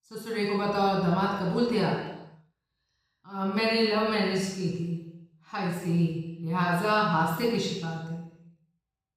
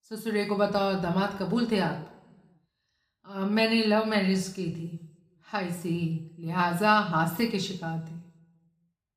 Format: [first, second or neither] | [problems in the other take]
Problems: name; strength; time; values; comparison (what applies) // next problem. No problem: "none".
second | room echo; strong; dies away in 0.9 s; slight in the second // off-mic speech; far; somewhat distant in the second